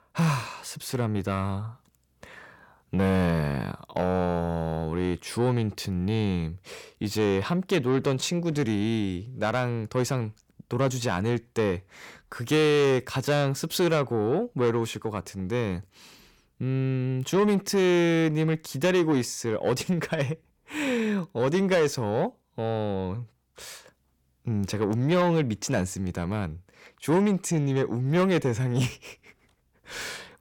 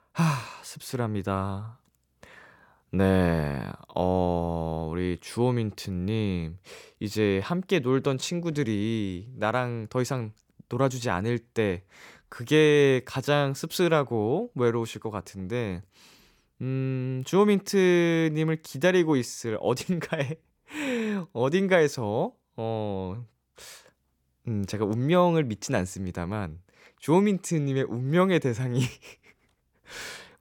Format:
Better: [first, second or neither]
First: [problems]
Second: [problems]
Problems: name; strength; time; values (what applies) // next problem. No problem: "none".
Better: second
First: distortion; slight; 10 dB below the speech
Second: none